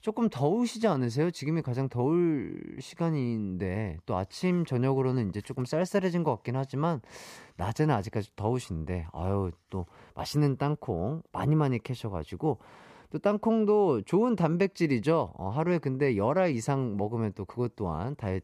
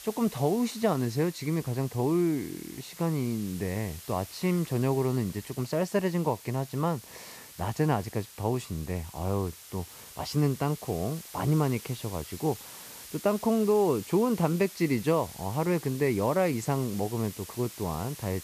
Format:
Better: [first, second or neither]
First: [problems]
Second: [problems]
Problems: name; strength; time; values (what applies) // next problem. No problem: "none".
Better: first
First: none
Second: hiss; noticeable; throughout; 15 dB below the speech